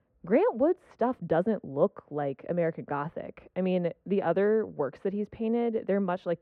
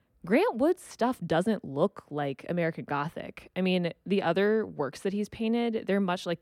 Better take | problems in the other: second | muffled; very; fading above 4 kHz

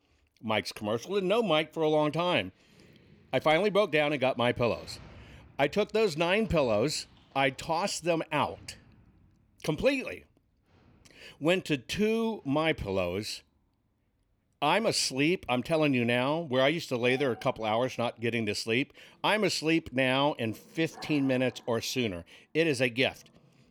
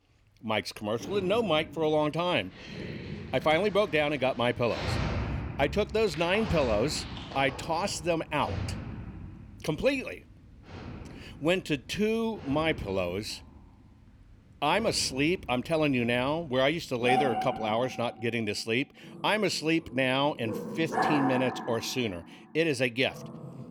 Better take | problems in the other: first | animal sounds; loud; throughout; 9 dB below the speech; faint in the first

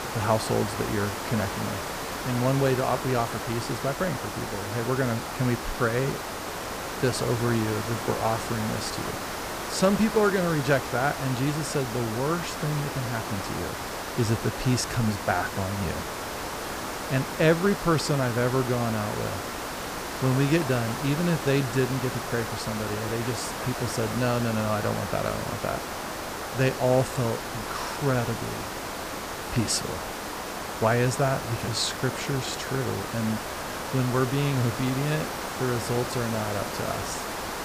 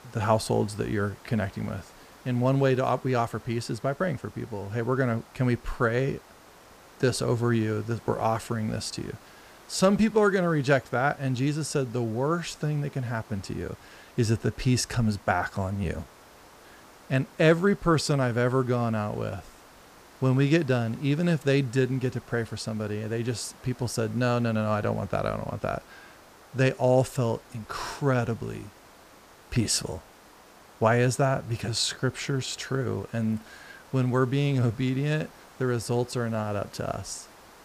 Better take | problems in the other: second | hiss; loud; throughout; 5 dB below the speech; faint in the second

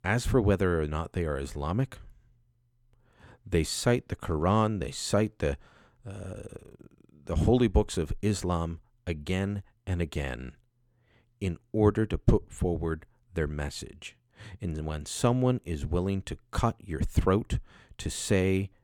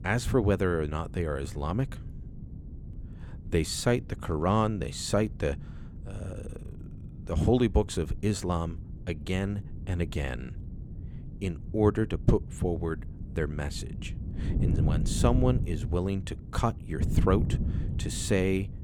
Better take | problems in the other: first | wind noise on the microphone; occasional gusts; 15 dB below the speech

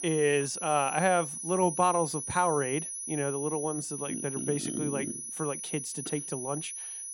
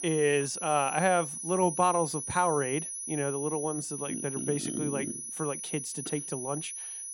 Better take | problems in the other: neither | high-pitched whine; loud; throughout; 10.5 kHz, 5 dB below the speech; the same in both

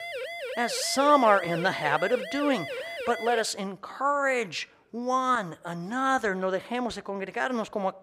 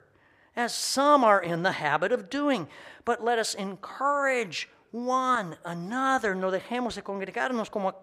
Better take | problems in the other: second | siren; noticeable; until 3.5 s; peak 7 dB below the speech

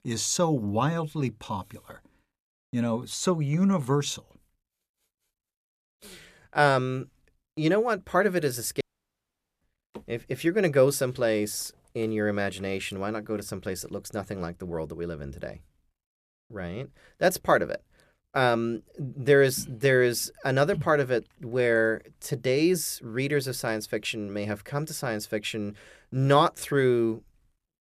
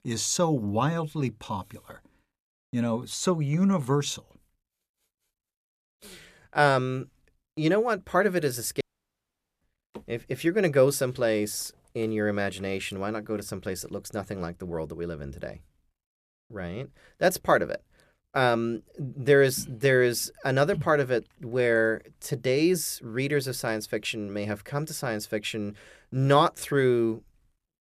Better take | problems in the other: neither | audio cutting out; at 9 s for 1 s; the same in both

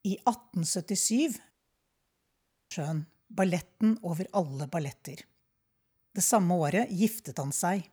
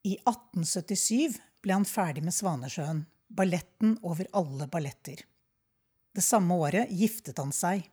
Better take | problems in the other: second | audio cutting out; at 1.5 s for 1 s

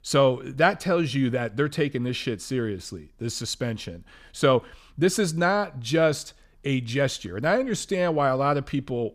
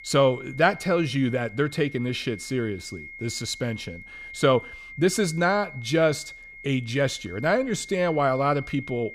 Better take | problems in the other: first | high-pitched whine; noticeable; throughout; 2 kHz, 15 dB below the speech

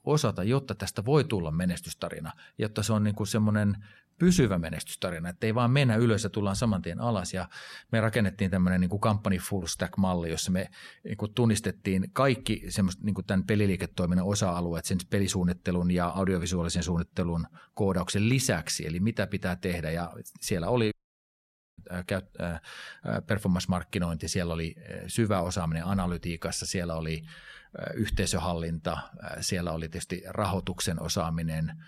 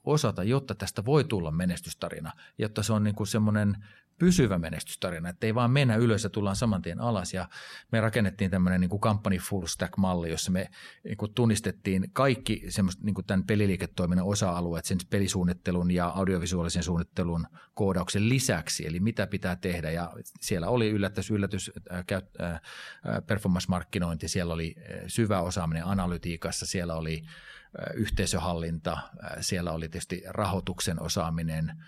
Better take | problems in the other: second | audio cutting out; at 21 s for 1 s

